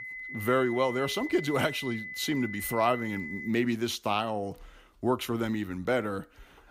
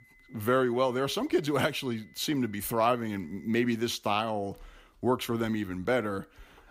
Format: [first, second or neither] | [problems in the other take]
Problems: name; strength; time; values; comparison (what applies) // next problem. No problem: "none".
second | high-pitched whine; loud; until 3.5 s; 2 kHz, 8 dB below the speech; faint in the second